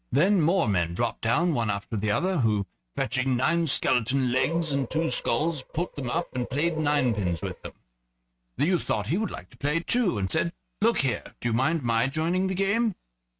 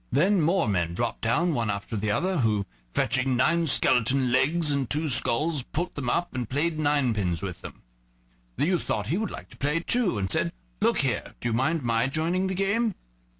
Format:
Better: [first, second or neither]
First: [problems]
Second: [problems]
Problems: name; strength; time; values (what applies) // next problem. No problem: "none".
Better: second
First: noise reduction (neural mask model RNNoise)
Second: none